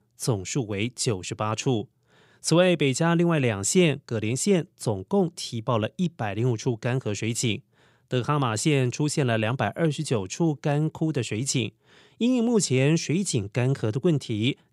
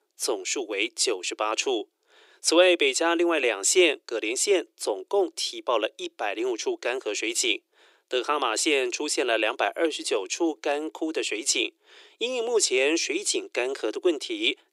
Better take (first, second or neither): first